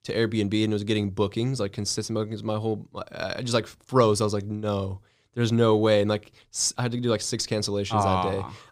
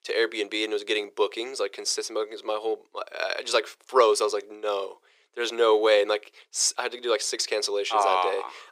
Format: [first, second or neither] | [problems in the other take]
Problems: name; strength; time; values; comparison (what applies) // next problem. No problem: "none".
first | thin; very; fading below 400 Hz